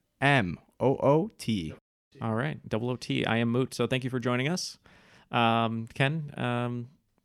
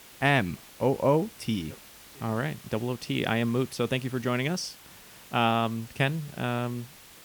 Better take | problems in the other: first | hiss; noticeable; throughout; 20 dB below the speech

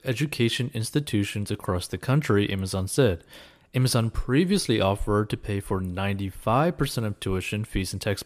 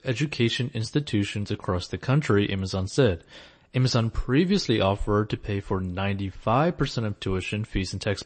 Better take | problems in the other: first | garbled, watery; slightly; nothing above 8 kHz

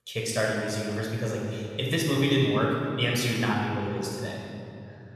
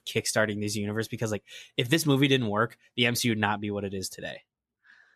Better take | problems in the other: second | room echo; noticeable; dies away in 2.7 s // off-mic speech; somewhat distant

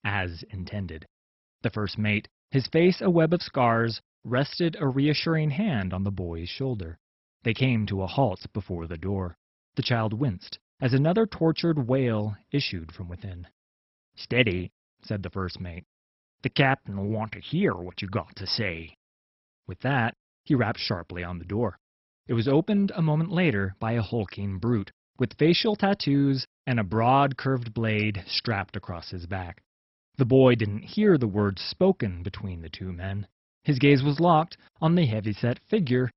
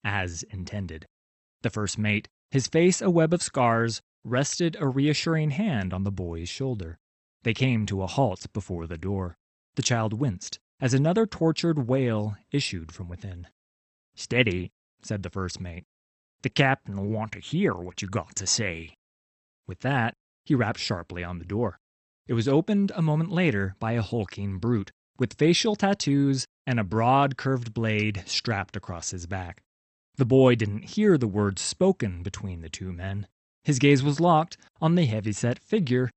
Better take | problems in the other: second | garbled, watery; badly; nothing above 5.5 kHz; slightly in the second

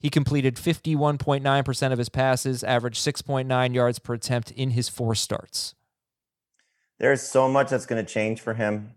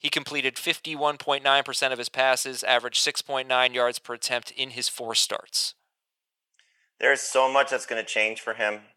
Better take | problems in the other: first | thin; very; fading below 650 Hz

